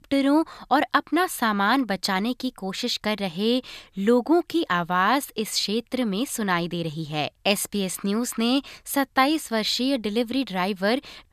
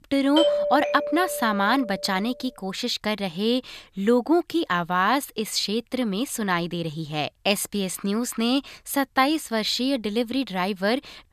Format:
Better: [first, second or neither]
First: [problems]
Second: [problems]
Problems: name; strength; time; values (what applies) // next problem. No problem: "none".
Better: first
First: none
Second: doorbell; loud; until 2 s; peak 3 dB above the speech